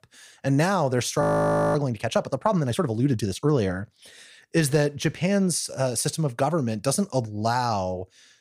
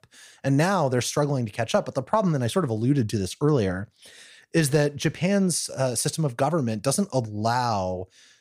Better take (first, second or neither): second